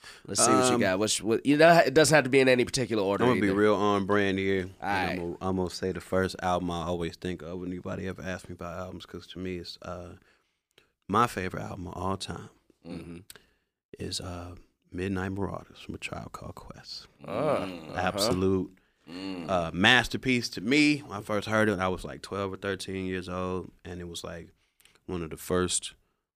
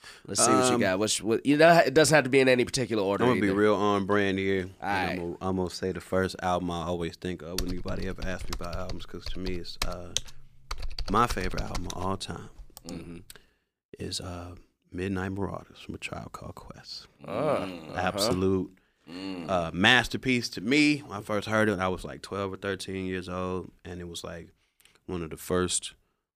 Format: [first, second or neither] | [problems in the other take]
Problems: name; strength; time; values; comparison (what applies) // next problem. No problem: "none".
first | keyboard typing; noticeable; from 7.5 to 13 s; peak 5 dB below the speech